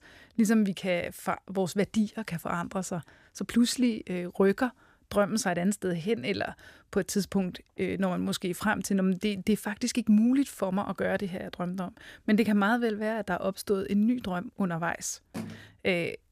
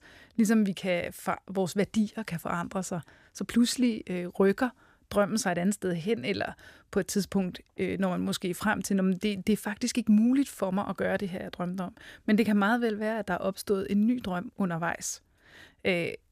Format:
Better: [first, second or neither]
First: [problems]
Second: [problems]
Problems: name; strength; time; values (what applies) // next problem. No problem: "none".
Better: second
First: phone ringing; faint; at 15 s; peak 10 dB below the speech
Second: none